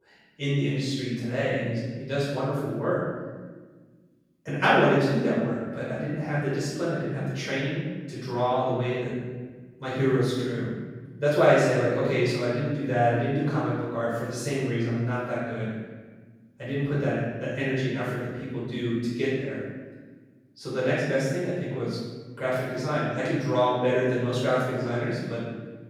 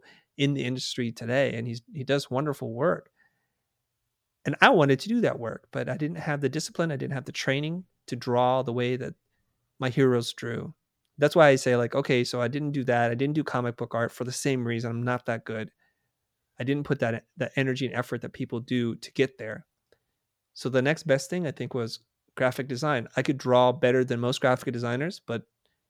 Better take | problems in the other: second | room echo; strong; dies away in 1.3 s // off-mic speech; far

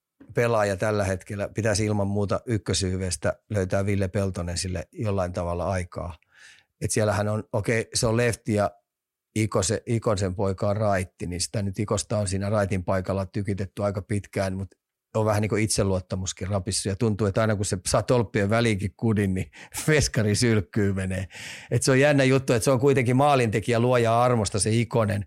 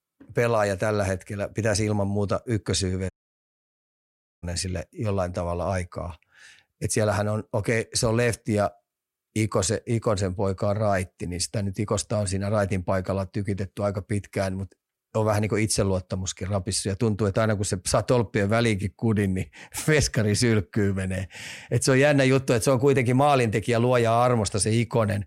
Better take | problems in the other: first | audio cutting out; at 3 s for 1.5 s

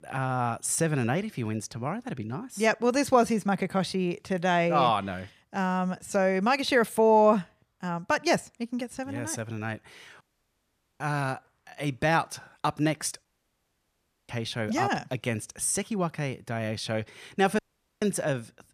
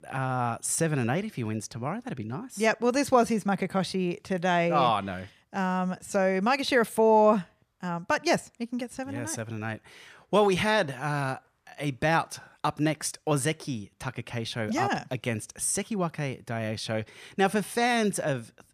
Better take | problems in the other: second | audio cutting out; at 10 s for 1 s, at 13 s for 1 s and at 18 s

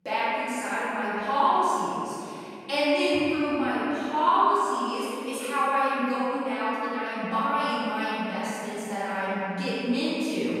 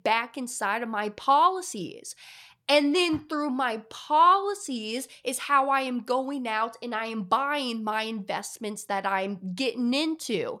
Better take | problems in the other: second | room echo; strong; dies away in 2.9 s // off-mic speech; far

